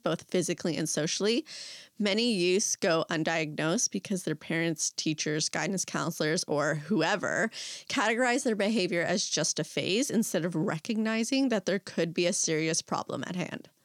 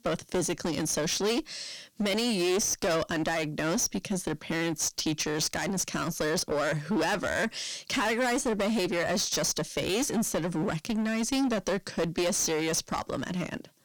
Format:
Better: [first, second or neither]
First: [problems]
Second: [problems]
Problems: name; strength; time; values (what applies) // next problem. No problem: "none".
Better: first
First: none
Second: distortion; heavy; 17% of the sound clipped